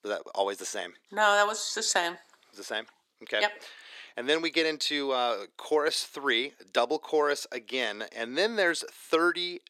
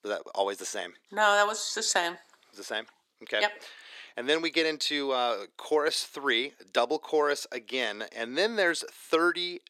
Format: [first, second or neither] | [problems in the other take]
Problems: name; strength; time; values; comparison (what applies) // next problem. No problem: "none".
neither | thin; very; fading below 350 Hz; the same in both